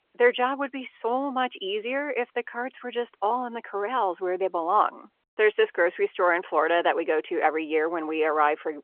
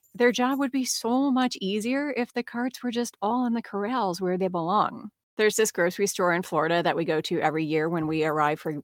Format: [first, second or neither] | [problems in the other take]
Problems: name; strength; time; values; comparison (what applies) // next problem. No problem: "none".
second | phone-call audio